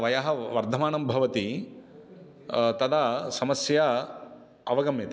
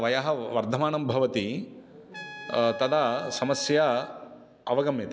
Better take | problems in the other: first | background sound (Trumpet); 19 dB below the speech

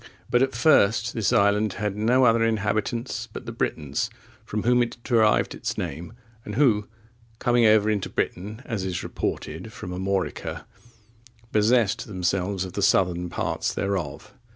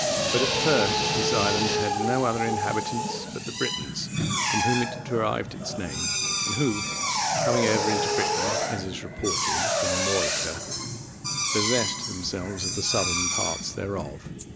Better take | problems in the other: first | background sound (Drill); 3 dB above the speech

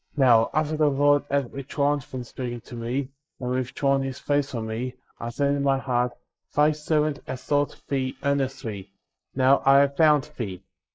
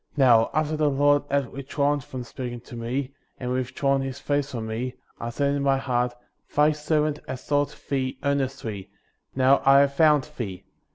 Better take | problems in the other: second | noise reduction (neural mask model Resemble Enhance denoiser)

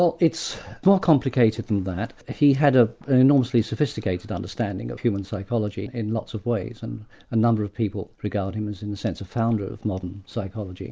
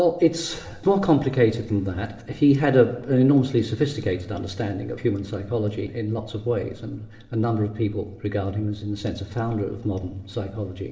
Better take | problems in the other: first | room echo; dies away in 1.2 s

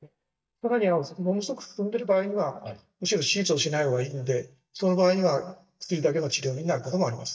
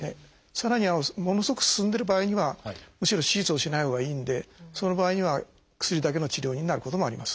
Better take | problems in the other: second | noise reduction (neural mask model DeepFilterNet 3)

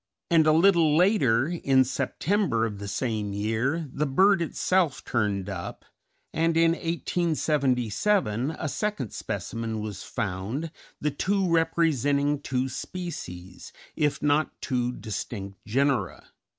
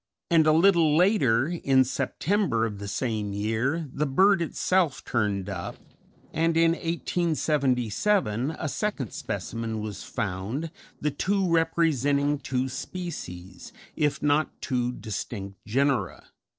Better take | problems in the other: first | noise reduction (neural separator model SepFormer DNS4)

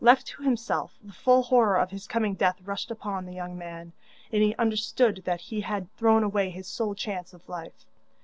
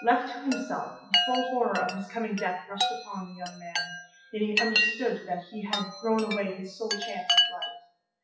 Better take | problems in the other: first | noise reduction (classical method WPE with log-MMSE)

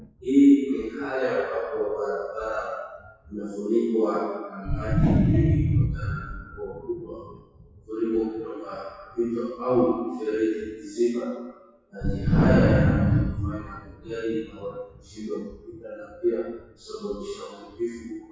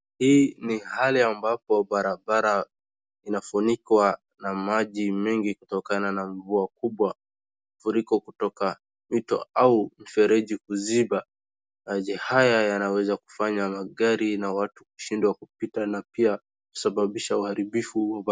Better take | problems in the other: second | noise reduction (classical method WPE with log-MMSE)

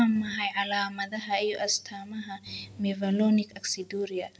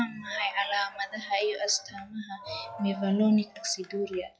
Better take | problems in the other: first | noise reduction (classical method log-MMSE)

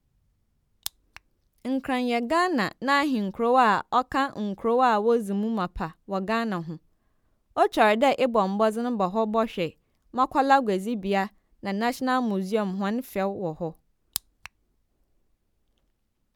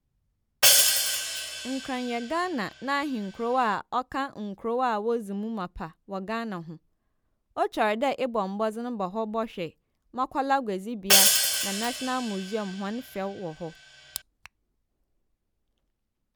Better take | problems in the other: first | background sound (Hi-hat); 4 dB above the speech

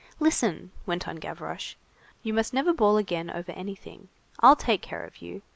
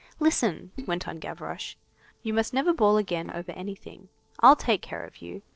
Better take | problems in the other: first | noise reduction (neural separator model SepFormer DNS4)

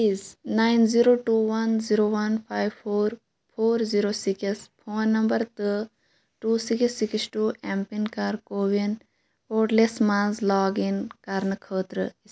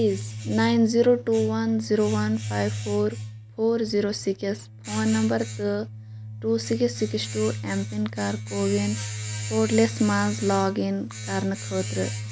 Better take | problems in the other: first | background sound (Domestic sounds, home sounds); 8 dB below the speech

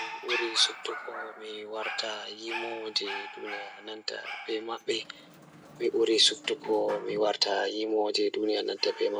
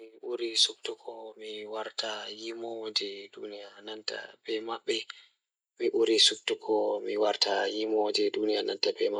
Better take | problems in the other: second | background sound (Dog); 11 dB below the speech

